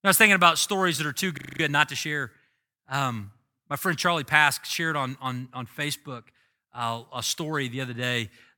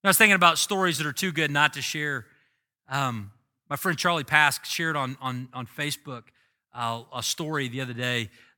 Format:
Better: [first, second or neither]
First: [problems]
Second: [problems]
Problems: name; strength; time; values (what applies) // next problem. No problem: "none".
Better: second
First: audio freezing; at 1.5 s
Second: none